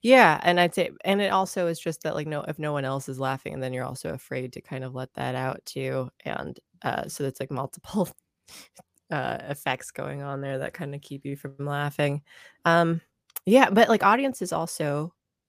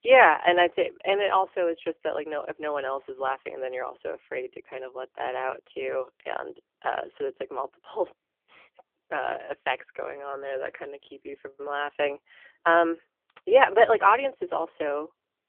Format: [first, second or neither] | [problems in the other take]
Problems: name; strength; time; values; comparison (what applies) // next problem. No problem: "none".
first | phone-call audio; poor line; nothing above 3 kHz